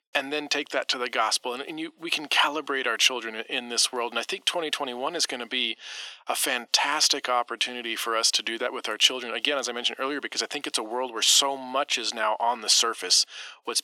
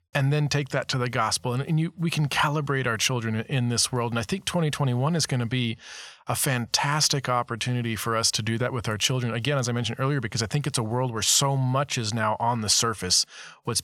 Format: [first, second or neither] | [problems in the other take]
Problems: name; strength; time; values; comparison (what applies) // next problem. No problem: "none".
second | thin; very; fading below 300 Hz